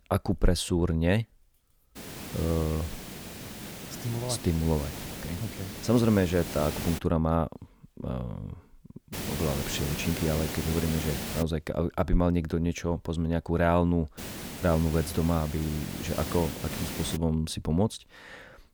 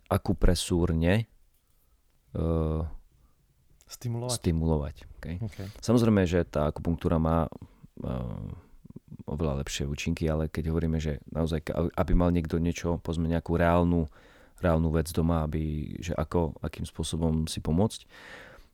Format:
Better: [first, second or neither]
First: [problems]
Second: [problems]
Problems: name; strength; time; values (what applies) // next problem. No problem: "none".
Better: second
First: hiss; loud; from 2 to 7 s, from 9 to 11 s and from 14 to 17 s; 7 dB below the speech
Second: none